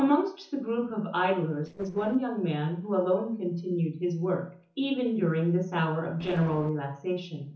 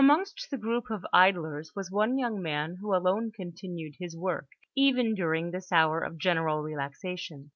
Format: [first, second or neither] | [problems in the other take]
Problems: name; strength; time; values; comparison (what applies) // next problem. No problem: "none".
second | noise reduction (neural separator model SepFormer DNS4)